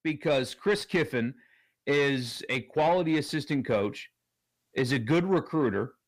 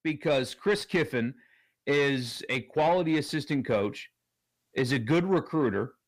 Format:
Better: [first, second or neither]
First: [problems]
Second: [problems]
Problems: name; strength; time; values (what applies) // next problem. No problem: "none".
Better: neither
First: distortion; slight; 10 dB below the speech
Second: distortion; slight; 10 dB below the speech